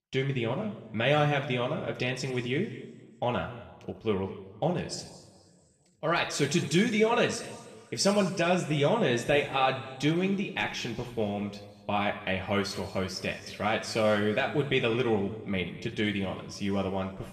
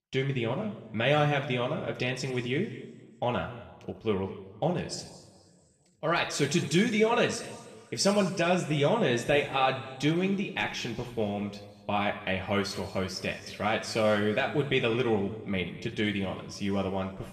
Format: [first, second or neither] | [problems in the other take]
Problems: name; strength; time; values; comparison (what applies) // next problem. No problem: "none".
neither | room echo; noticeable; dies away in 1.5 s; the same in both // off-mic speech; somewhat distant; the same in both